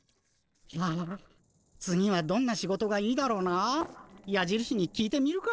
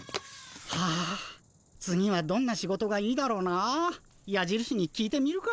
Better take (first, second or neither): second